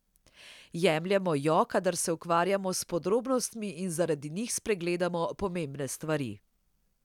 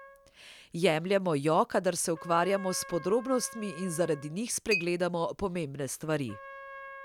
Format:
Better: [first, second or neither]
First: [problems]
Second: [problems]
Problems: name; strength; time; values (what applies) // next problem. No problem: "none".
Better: first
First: none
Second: background sound (Chink, clink + Trumpet); 14 dB below the speech